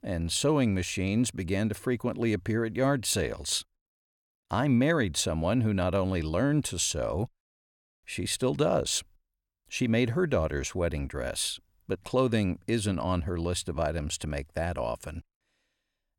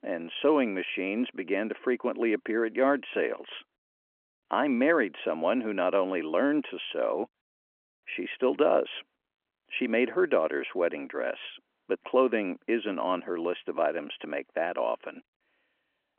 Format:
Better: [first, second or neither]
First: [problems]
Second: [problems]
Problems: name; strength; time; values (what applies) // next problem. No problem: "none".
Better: first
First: none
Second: phone-call audio; nothing above 3.5 kHz